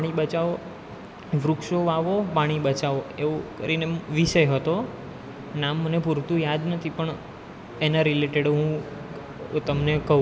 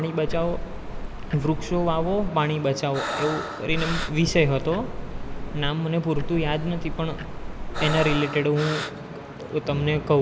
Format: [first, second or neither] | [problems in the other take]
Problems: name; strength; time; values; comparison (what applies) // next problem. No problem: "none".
first | background sound (Breathing + Tick-tock); 5 dB below the speech